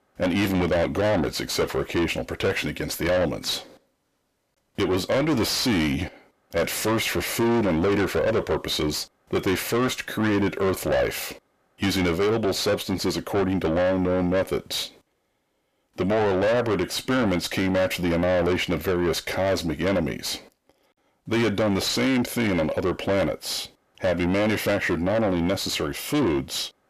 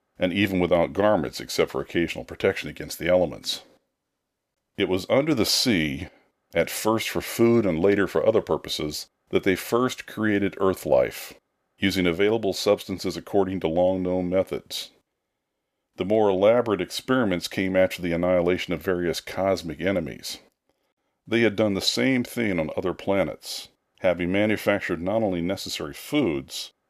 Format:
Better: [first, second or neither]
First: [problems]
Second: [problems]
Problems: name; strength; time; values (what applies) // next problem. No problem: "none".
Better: second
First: distortion; heavy; 5 dB below the speech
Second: none